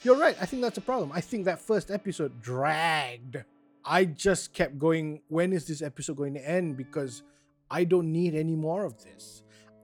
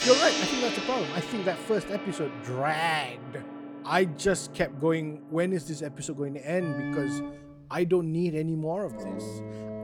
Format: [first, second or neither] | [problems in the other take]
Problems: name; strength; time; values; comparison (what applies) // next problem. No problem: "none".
first | background music; loud; throughout; 5 dB below the speech; faint in the first